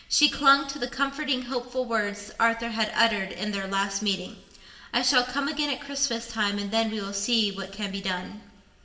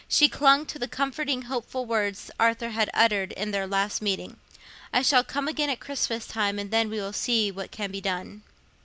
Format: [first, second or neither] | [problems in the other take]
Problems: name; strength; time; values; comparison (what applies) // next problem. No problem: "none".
second | room echo; dies away in 1.9 s